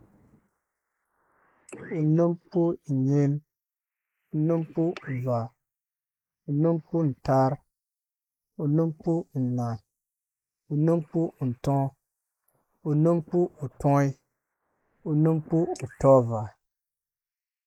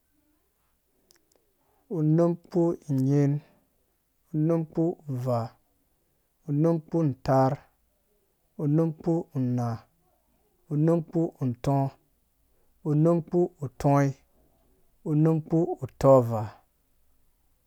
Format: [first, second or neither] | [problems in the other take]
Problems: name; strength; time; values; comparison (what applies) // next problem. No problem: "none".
second | noise reduction (neural mask model Resemble Enhance denoiser)